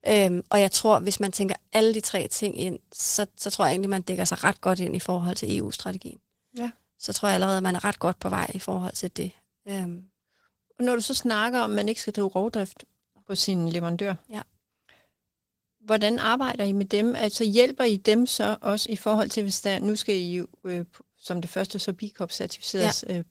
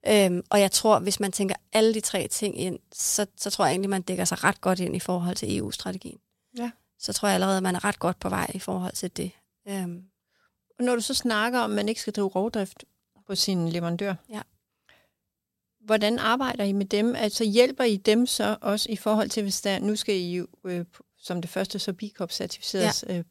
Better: second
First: garbled, watery; slightly; nothing above 16 kHz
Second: none

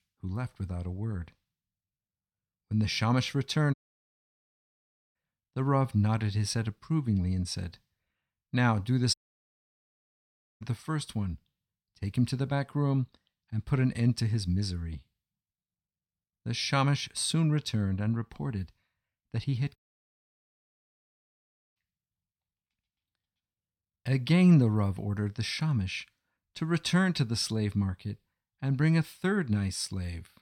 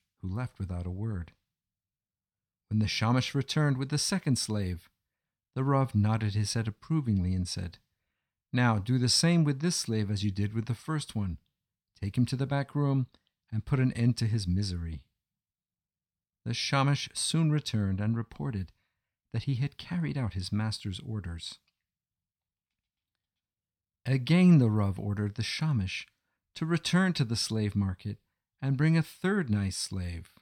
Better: second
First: audio cutting out; at 3.5 s for 1.5 s, at 9 s for 1.5 s and at 20 s for 2 s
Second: none

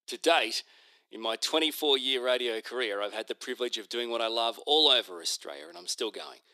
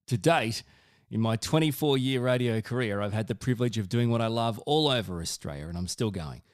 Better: second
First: thin; very; fading below 350 Hz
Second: none

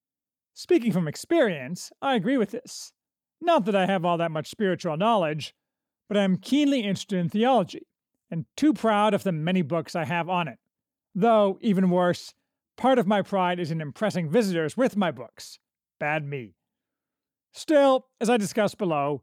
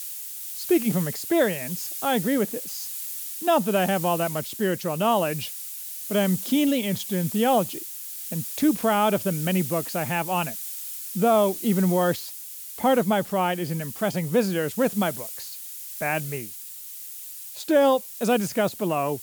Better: first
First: none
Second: hiss; loud; throughout; 8 dB below the speech

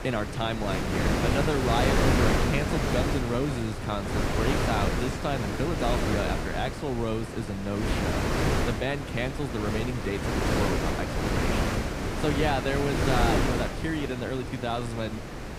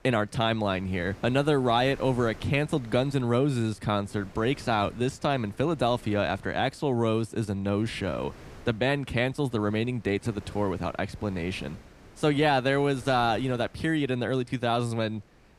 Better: second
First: wind noise on the microphone; heavy; 1 dB above the speech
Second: wind noise on the microphone; occasional gusts; 25 dB below the speech

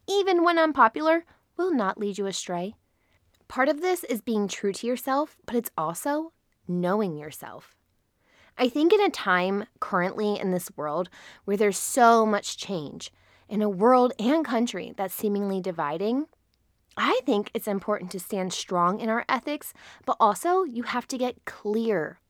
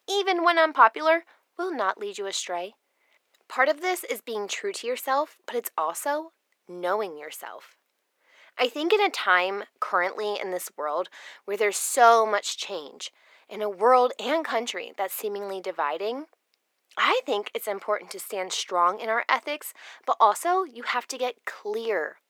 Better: first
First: none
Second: thin; very; fading below 450 Hz

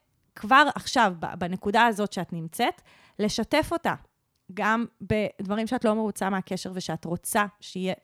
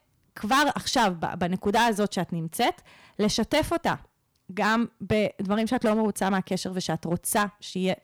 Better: first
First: none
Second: distortion; heavy; 6% of the sound clipped

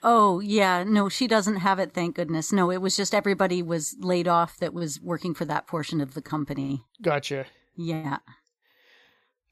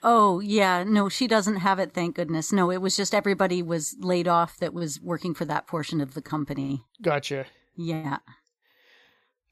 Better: neither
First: none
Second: none

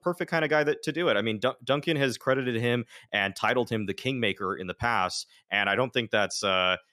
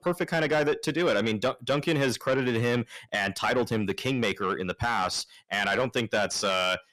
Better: first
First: none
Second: distortion; heavy; 8 dB below the speech

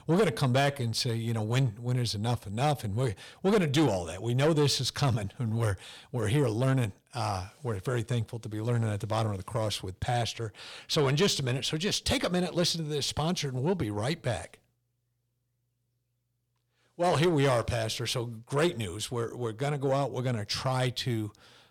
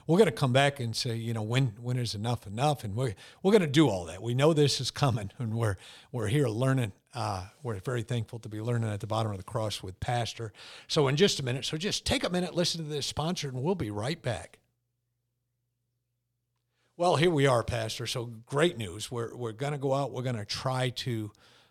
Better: second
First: distortion; slight; 10 dB below the speech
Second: none

